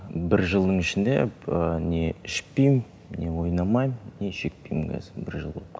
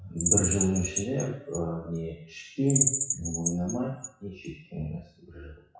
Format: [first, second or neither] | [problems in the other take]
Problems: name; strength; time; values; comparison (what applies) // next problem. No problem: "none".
first | noise reduction (classical method WPE with log-MMSE)